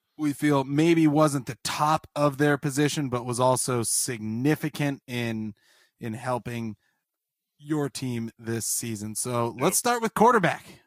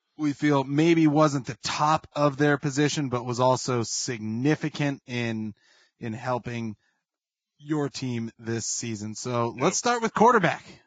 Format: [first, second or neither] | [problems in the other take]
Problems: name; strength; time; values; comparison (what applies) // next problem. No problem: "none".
first | garbled, watery; badly; nothing above 7.5 kHz; slightly in the first